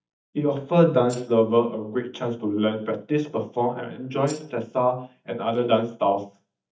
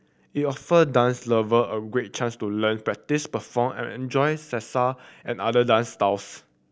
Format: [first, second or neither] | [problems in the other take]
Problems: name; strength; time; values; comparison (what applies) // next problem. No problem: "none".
second | noise reduction (neural mask model DeepFilterNet 3)